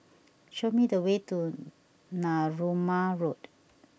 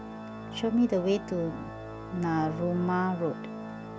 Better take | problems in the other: first | background sound (Organ); 10 dB below the speech

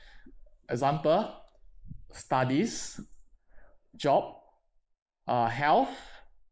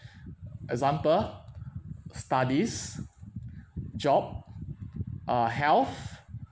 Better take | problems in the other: second | noise reduction (neural mask model Resemble Enhance denoiser)

